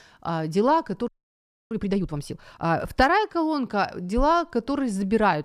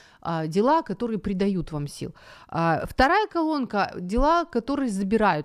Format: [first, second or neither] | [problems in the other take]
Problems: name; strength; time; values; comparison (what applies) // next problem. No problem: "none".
second | audio freezing; at 1 s for 0.5 s